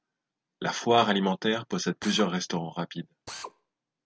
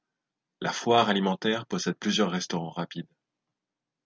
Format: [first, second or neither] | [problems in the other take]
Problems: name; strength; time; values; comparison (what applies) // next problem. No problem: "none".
second | background sound (Drill); 15 dB below the speech